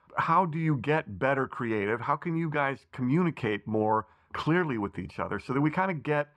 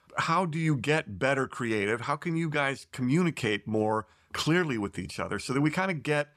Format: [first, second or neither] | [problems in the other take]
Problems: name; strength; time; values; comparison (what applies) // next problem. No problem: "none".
second | muffled; very; fading above 3.5 kHz